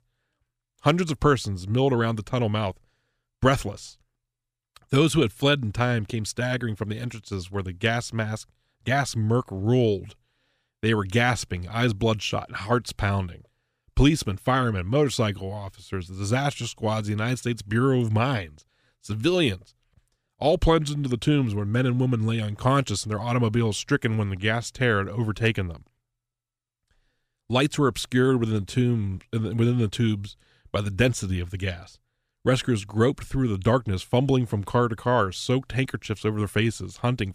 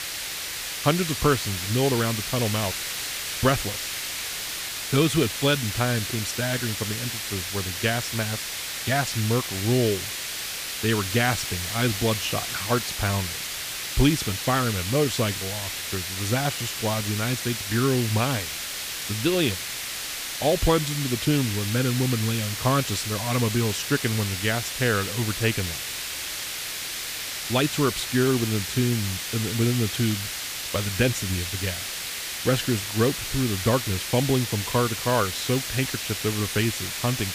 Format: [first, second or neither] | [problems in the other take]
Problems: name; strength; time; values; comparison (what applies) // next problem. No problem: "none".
first | hiss; loud; throughout; 3 dB below the speech